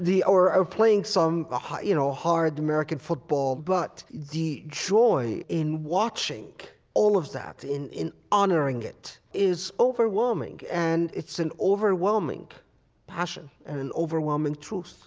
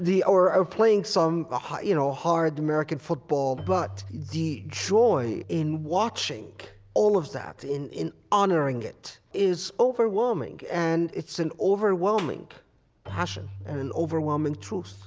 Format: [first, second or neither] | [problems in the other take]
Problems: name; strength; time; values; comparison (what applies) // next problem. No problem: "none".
first | background sound (Clapping + Keyboard (musical)); 19 dB below the speech